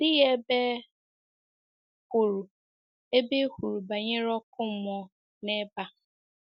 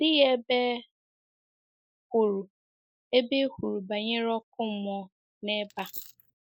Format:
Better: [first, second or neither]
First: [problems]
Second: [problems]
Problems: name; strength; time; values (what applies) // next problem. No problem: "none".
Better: first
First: none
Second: noise reduction (neural mask model Resemble Enhance denoiser)